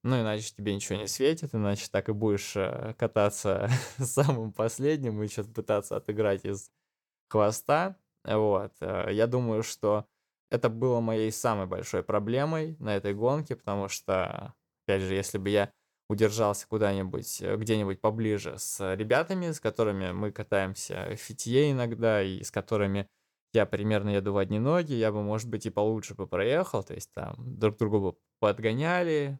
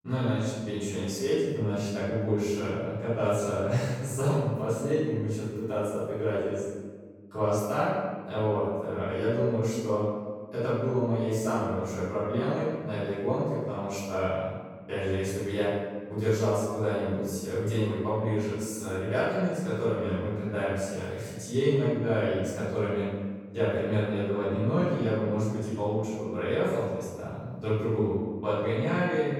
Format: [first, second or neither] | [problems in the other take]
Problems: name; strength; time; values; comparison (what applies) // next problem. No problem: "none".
first | off-mic speech; far // room echo; strong; dies away in 1.4 s